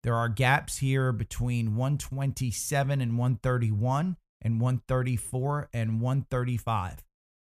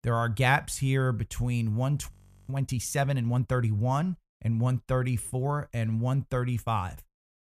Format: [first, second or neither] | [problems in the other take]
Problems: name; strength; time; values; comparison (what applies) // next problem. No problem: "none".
first | audio freezing; at 2 s